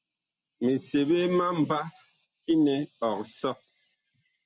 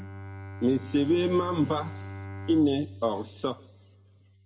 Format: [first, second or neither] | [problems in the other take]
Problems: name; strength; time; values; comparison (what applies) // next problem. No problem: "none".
first | background sound (Bowed string instrument); 12 dB below the speech // room echo; dies away in 0.6 s